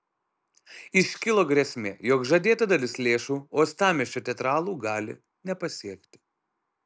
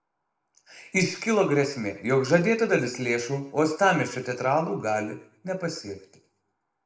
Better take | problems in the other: first | room echo; dies away in 0.5 s

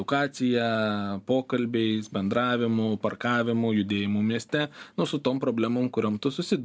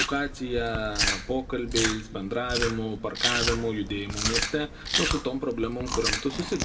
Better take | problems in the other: first | background sound (Chewing, mastication); 1 dB below the speech // room echo; dies away in 0.9 s

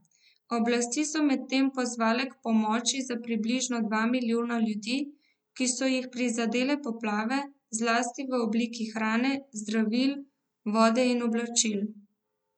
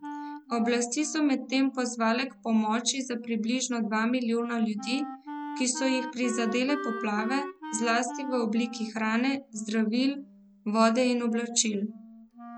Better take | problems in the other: first | background sound (Wind instrument, woodwind instrument); 13 dB below the speech

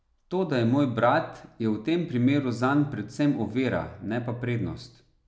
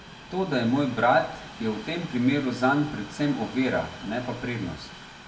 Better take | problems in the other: first | background sound (Train); 16 dB below the speech // room echo; dies away in 0.2 s

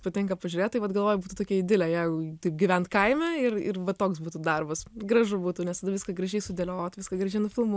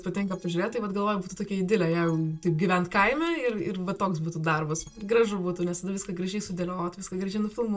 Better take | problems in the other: first | noise reduction (neural separator model SepFormer DNS4)

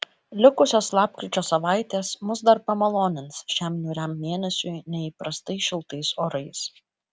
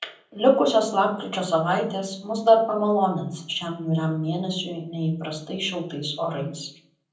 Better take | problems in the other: first | room echo; dies away in 0.6 s

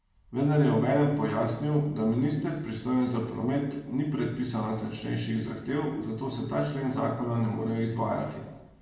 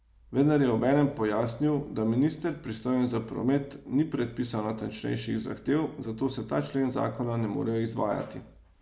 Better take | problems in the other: second | room echo; dies away in 0.9 s

